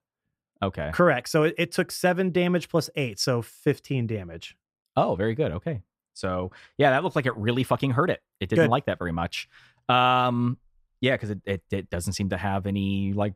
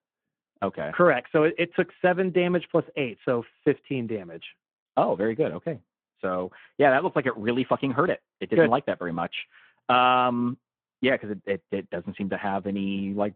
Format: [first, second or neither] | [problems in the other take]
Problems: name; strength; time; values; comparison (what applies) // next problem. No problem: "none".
first | phone-call audio